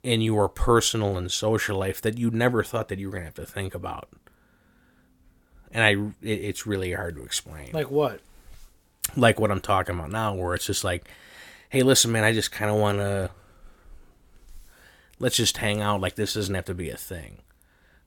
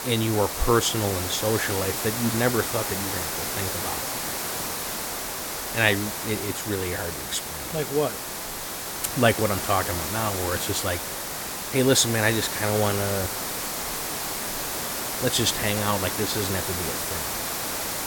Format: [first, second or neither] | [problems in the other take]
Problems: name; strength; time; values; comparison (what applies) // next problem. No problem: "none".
first | hiss; loud; throughout; 2 dB below the speech